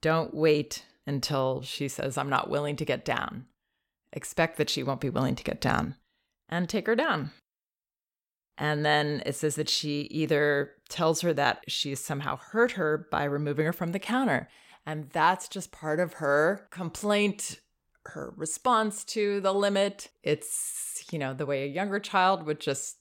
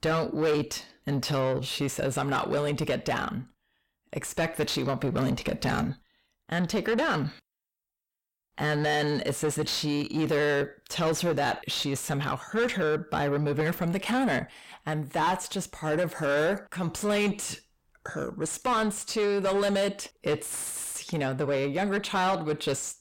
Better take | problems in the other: first | distortion; heavy; 7 dB below the speech

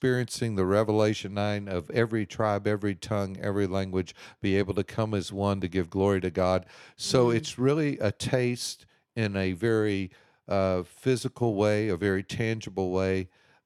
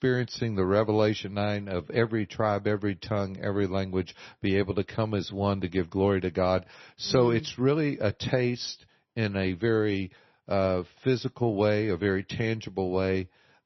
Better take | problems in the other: first | garbled, watery; slightly; nothing above 6 kHz

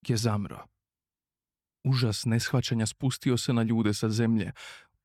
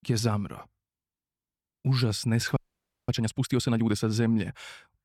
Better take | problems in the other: first | audio freezing; at 2.5 s for 0.5 s

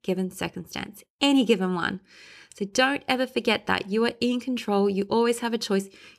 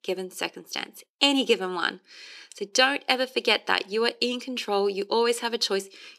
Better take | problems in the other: first | thin; very slightly; fading below 300 Hz

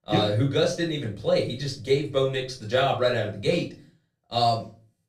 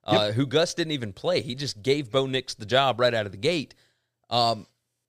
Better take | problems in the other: second | off-mic speech; far // room echo; slight; dies away in 0.3 s

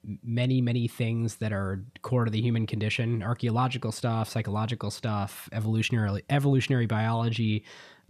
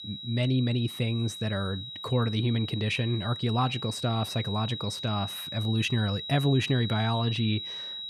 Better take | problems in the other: first | high-pitched whine; loud; throughout; 4 kHz, 7 dB below the speech

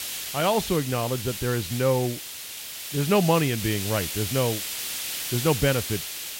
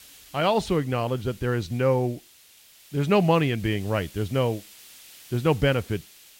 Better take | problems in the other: second | hiss; loud; throughout; 5 dB below the speech; faint in the second

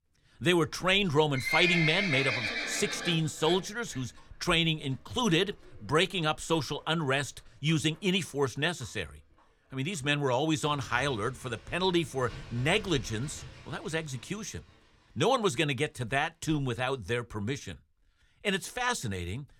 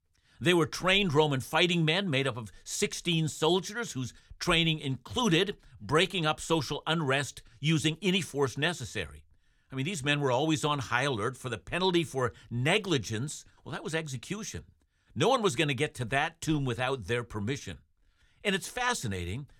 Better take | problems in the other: second | animal sounds; loud; throughout; 3 dB below the speech

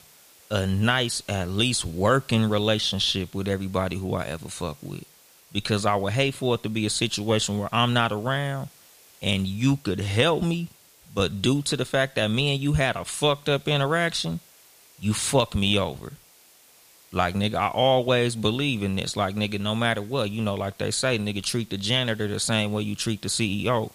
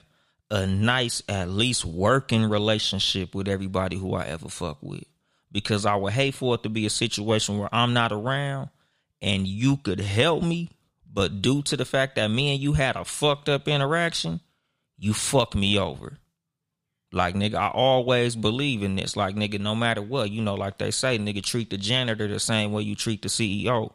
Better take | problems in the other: second | hiss; faint; throughout; 25 dB below the speech

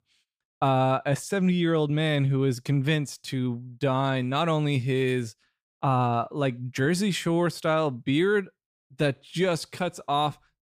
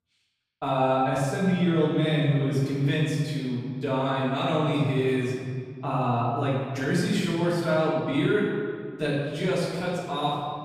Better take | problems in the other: first | room echo; strong; dies away in 1.8 s // off-mic speech; far

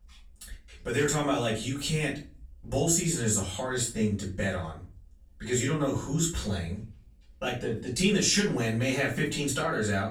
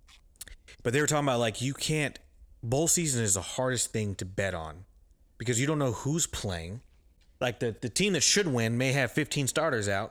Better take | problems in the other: second | off-mic speech; far // room echo; slight; dies away in 0.3 s

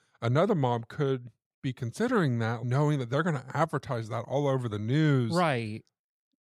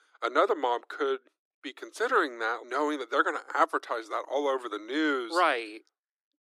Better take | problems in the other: first | thin; very; fading below 300 Hz

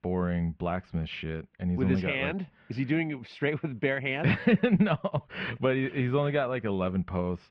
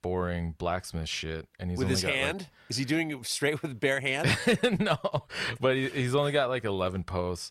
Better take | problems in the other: second | muffled; very; fading above 2.5 kHz

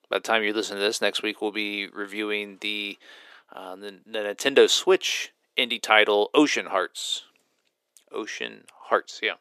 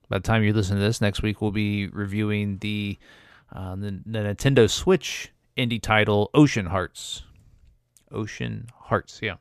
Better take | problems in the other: second | thin; somewhat; fading below 350 Hz

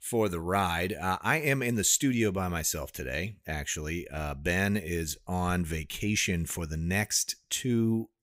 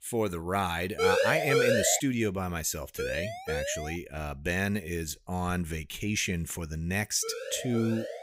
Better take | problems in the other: first | siren; loud; from 1 to 2 s; peak 5 dB above the speech // siren; noticeable; at 3 s and from 7 s on; peak 4 dB below the speech

